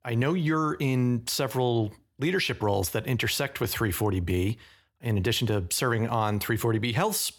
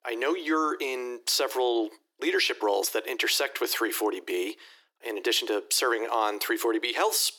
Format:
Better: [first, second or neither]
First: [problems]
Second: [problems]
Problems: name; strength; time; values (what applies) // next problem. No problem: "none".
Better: first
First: none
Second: thin; very; fading below 300 Hz